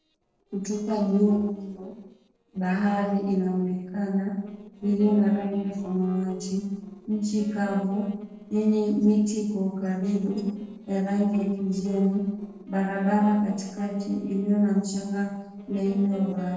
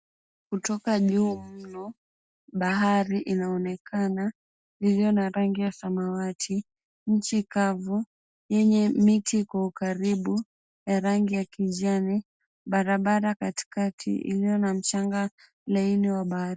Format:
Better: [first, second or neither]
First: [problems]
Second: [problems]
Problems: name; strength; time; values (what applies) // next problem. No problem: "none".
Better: second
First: noise reduction (neural separator model SepFormer DNS4)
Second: none